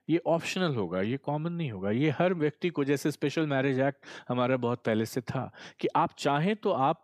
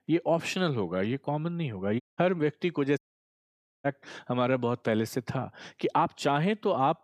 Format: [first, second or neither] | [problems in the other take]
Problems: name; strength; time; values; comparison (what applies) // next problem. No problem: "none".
first | audio cutting out; at 2 s and at 3 s for 1 s